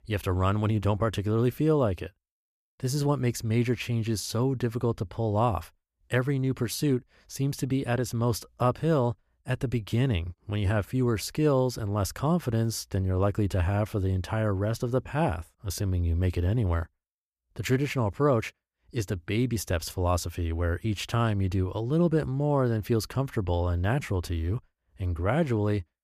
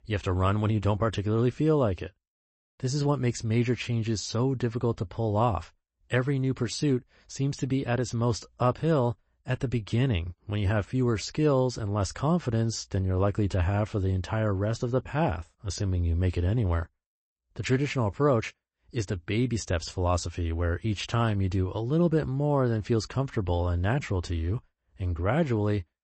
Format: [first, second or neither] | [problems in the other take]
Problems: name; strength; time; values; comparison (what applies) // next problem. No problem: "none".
first | garbled, watery; slightly; nothing above 8 kHz